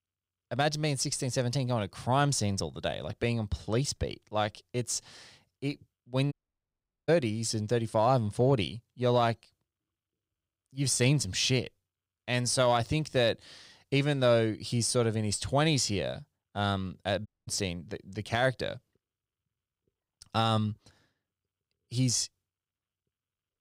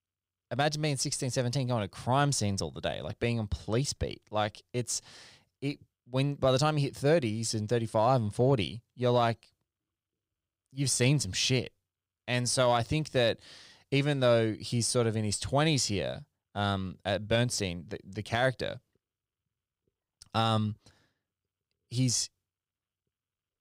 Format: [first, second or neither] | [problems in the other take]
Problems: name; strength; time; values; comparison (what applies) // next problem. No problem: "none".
second | audio cutting out; at 6.5 s for 1 s and at 17 s